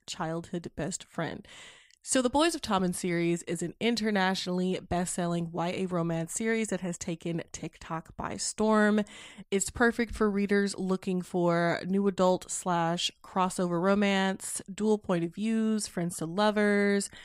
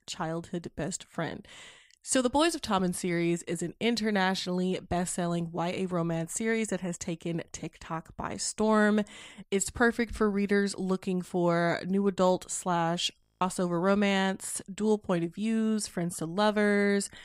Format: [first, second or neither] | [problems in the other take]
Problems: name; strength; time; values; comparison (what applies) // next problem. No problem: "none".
first | audio freezing; at 13 s